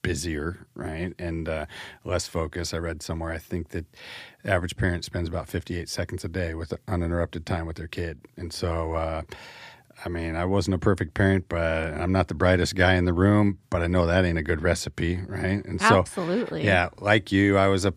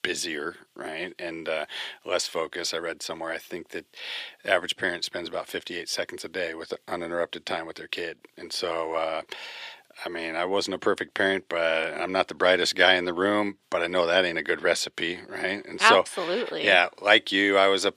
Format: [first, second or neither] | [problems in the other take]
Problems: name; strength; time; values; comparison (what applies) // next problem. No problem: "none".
first | thin; somewhat; fading below 450 Hz